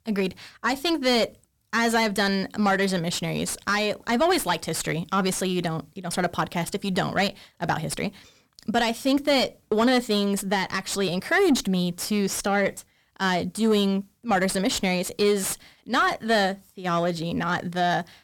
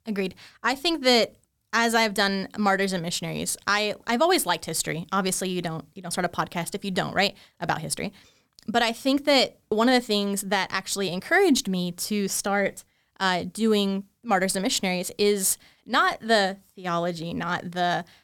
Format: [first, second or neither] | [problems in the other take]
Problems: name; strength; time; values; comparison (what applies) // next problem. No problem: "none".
second | distortion; slight; 9 dB below the speech